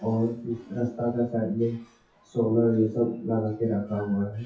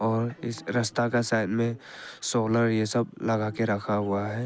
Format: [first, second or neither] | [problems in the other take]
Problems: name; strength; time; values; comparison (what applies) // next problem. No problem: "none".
second | noise reduction (classical method WPE with log-MMSE)